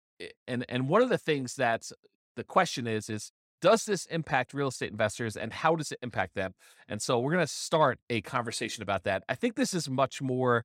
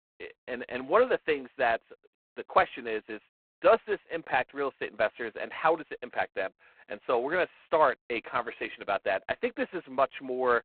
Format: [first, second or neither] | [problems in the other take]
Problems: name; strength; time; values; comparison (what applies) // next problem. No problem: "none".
first | phone-call audio; poor line; nothing above 4 kHz